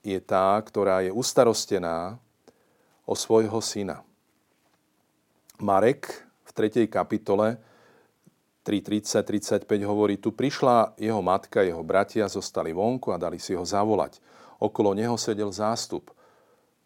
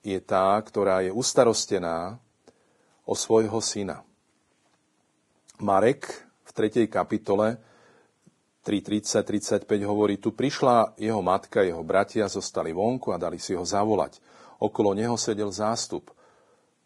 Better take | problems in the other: first | garbled, watery; badly; nothing above 10.5 kHz

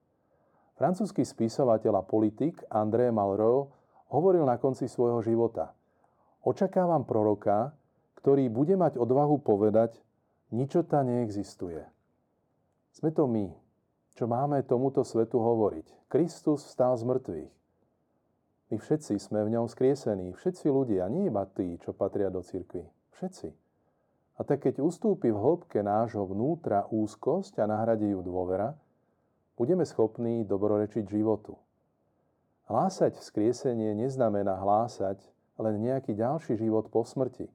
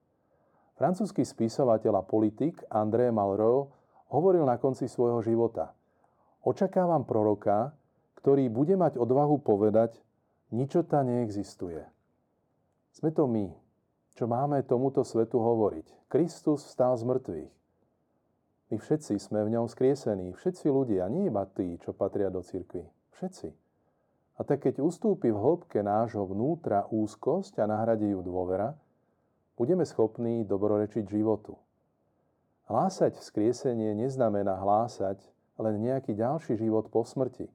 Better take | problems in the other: neither | muffled; very; fading above 1.5 kHz; the same in both

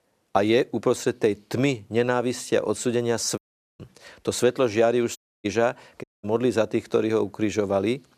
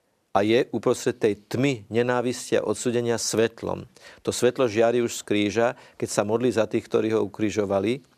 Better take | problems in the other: second | audio cutting out; at 3.5 s, at 5 s and at 6 s

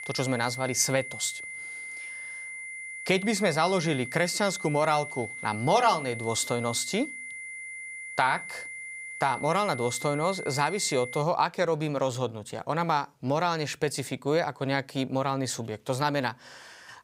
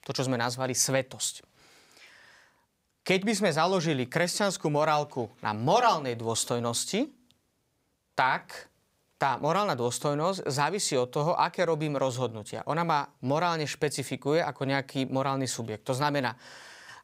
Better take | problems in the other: second | high-pitched whine; loud; until 11 s; 2 kHz, 9 dB below the speech

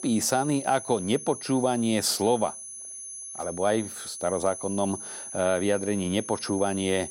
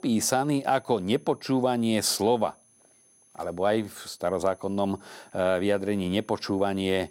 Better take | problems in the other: second | high-pitched whine; loud; throughout; 10 kHz, 10 dB below the speech; faint in the second

